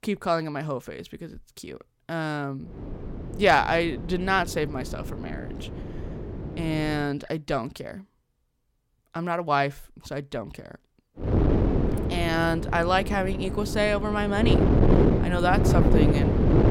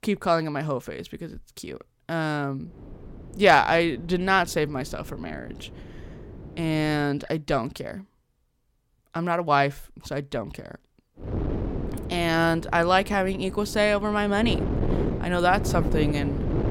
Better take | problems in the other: second | wind noise on the microphone; heavy; from 2.5 to 7 s and from 11 s on; 4 dB below the speech; occasional gusts in the second

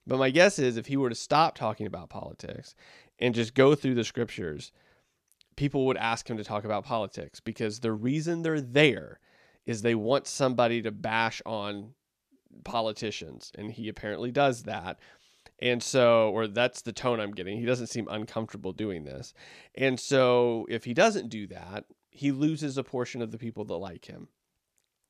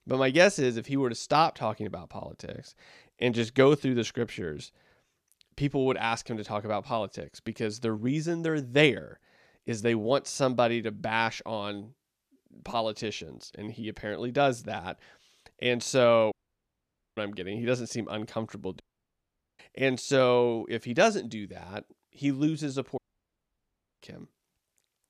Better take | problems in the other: first | audio cutting out; at 16 s for 1 s, at 19 s for 1 s and at 23 s for 1 s

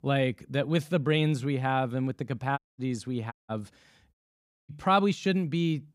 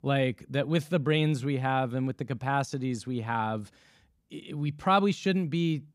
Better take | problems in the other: second | audio cutting out; at 2.5 s, at 3.5 s and at 4 s for 0.5 s

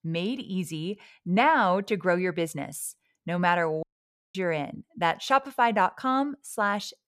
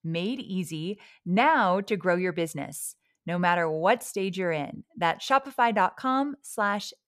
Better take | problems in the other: second | audio cutting out; at 4 s for 0.5 s

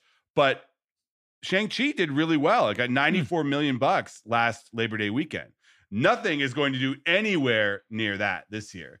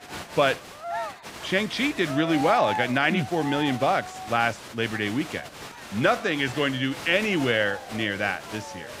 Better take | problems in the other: first | crowd noise; noticeable; throughout; 10 dB below the speech

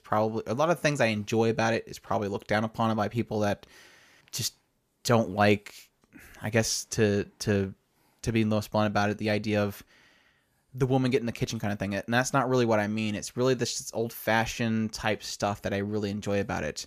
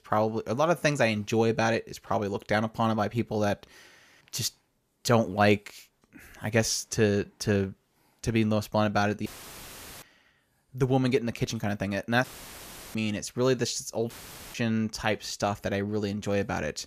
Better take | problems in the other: first | audio cutting out; filled with static; at 9.5 s for 1 s, at 12 s for 0.5 s and at 14 s

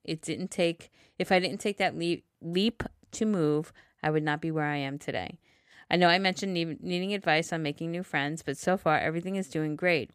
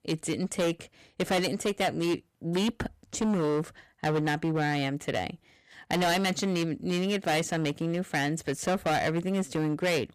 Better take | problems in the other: first | distortion; heavy; 14% of the sound clipped

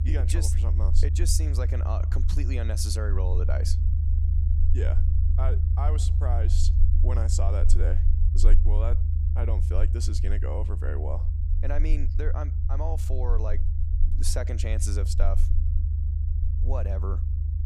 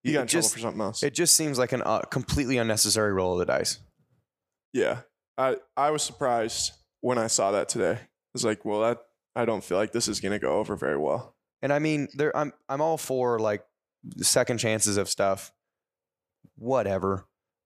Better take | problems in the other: second | low rumble; loud; throughout; 6 dB below the speech

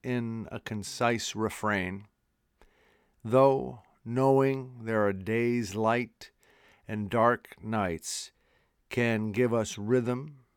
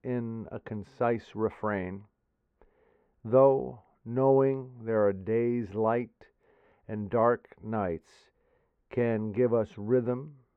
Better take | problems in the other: first | muffled; very; fading above 3.5 kHz

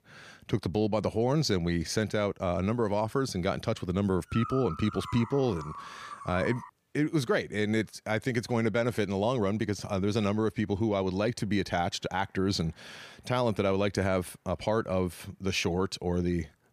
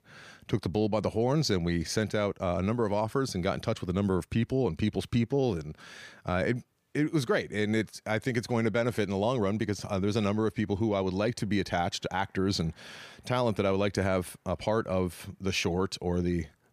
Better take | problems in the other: second | dog barking; noticeable; from 4.5 to 6.5 s; peak 9 dB below the speech

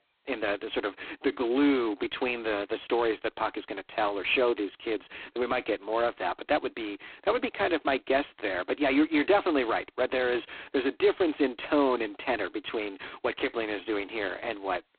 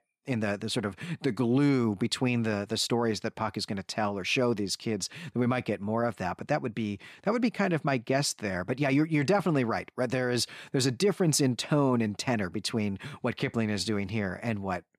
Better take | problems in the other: second | phone-call audio; poor line; nothing above 4 kHz

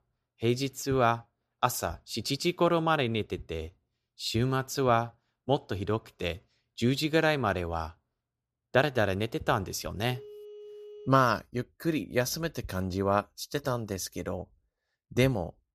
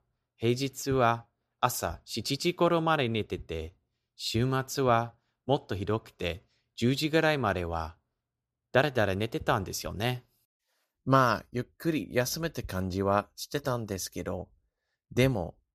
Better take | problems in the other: second | phone ringing; faint; from 10 to 11 s; peak 15 dB below the speech

